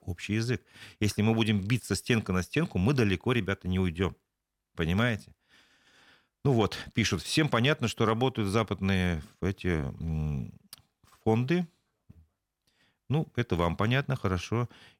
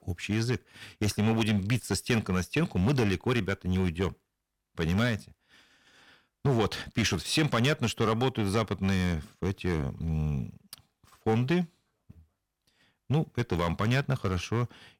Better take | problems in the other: first | distortion; slight; 4% of the sound clipped

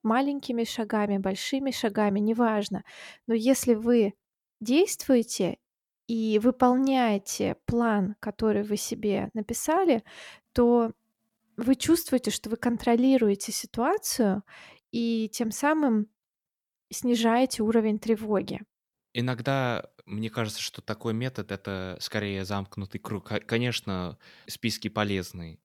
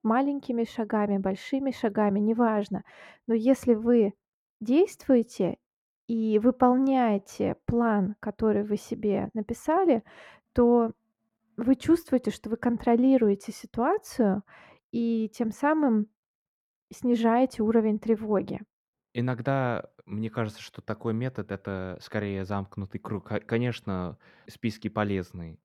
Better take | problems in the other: first | muffled; slightly; fading above 2.5 kHz

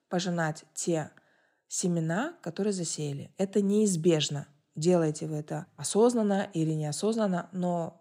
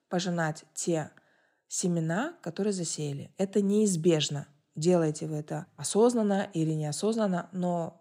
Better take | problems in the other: neither | none

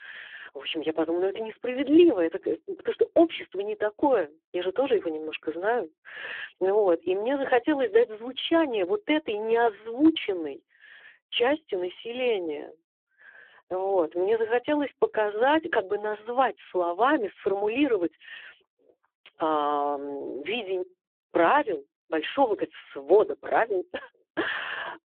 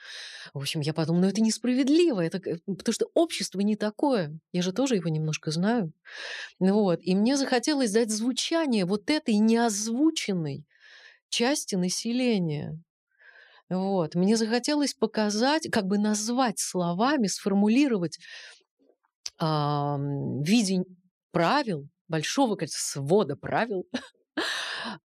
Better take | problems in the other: second | phone-call audio; poor line

